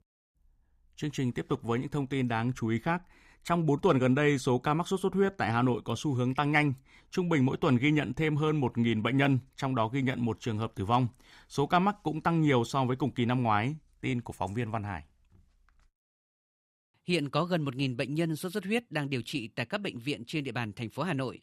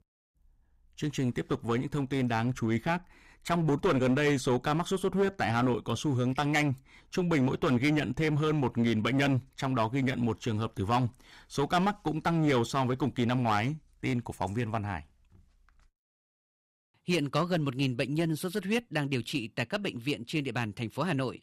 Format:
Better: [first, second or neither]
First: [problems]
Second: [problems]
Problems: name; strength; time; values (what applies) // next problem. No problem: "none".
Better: first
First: none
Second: distortion; slight; 6% of the sound clipped